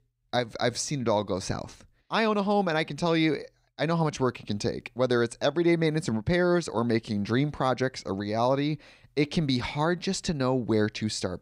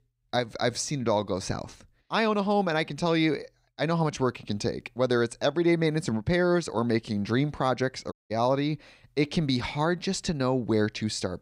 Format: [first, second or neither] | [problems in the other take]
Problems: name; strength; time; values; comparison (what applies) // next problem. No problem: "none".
first | audio cutting out; at 8 s